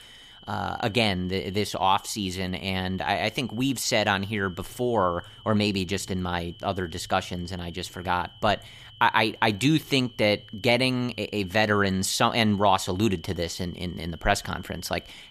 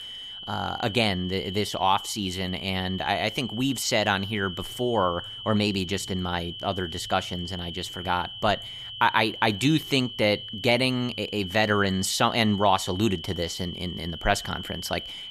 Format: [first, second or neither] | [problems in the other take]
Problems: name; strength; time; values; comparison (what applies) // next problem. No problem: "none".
first | high-pitched whine; loud; throughout; 3 kHz, 10 dB below the speech; faint in the first